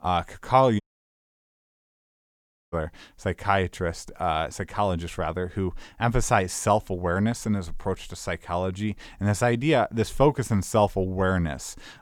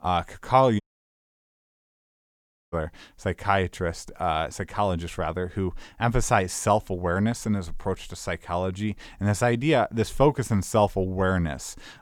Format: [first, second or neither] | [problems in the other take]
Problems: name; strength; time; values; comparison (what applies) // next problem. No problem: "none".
neither | audio cutting out; at 1 s for 2 s; the same in both